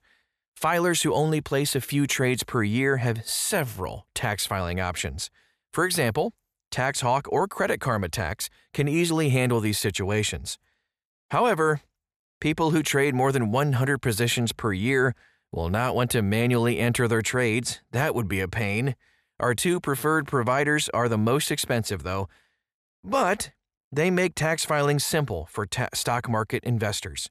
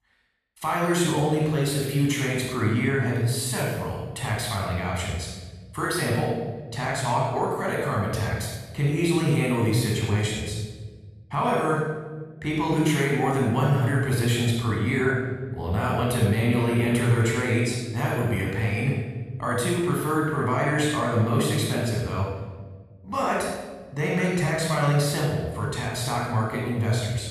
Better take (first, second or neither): first